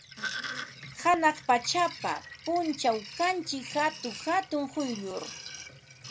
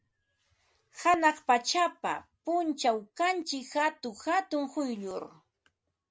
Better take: second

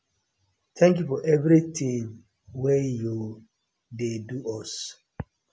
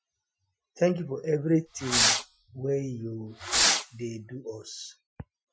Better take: first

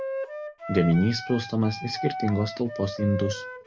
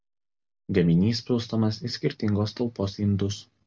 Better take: second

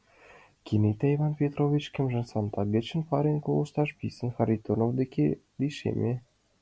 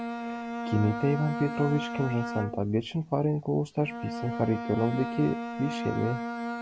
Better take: first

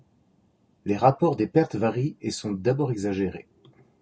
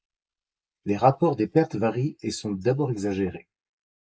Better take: first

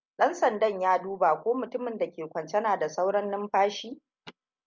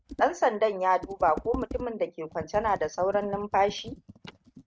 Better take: first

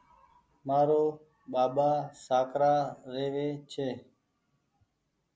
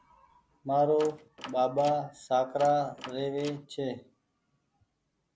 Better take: first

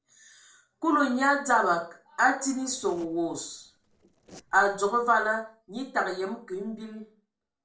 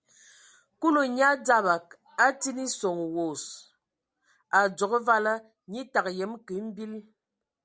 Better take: second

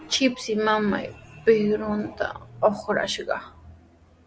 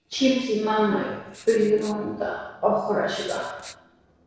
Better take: first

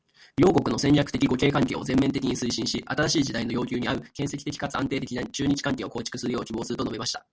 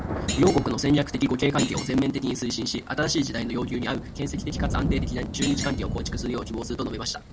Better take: first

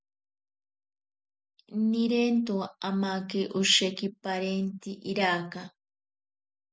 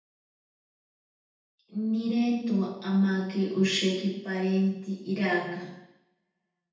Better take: first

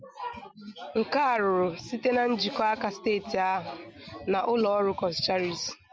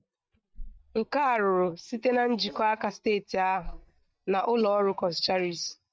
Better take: first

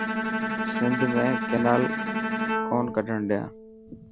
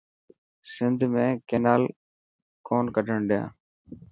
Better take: second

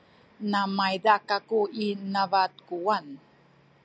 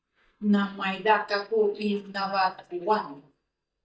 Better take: first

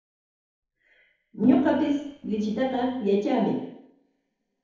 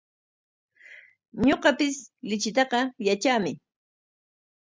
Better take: second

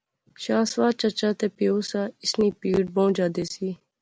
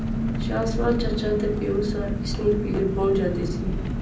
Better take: first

